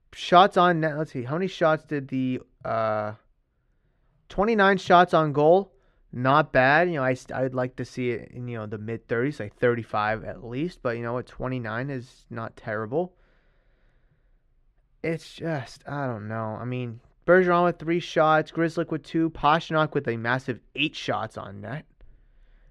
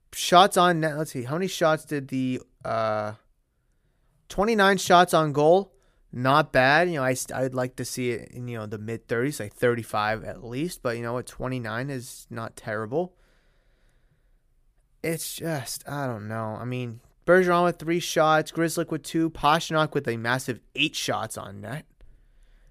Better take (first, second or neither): second